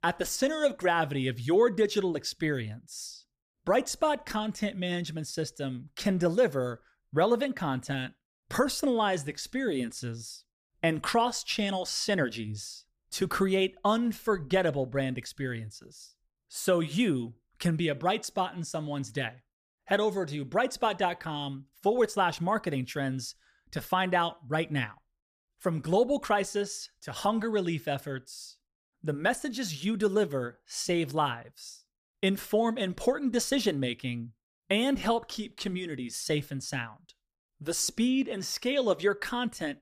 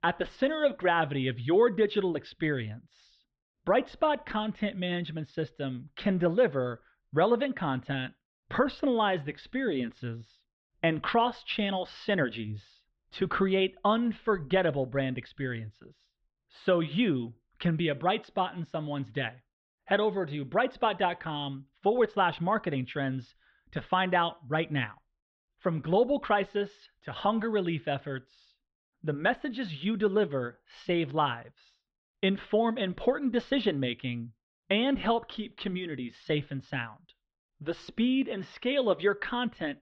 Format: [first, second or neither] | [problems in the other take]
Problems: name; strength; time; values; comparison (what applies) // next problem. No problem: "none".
first | muffled; very; fading above 3.5 kHz